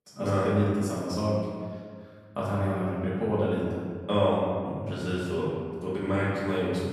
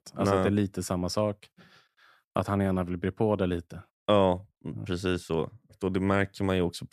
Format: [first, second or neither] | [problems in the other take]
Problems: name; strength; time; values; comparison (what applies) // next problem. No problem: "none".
second | off-mic speech; far // room echo; strong; dies away in 1.8 s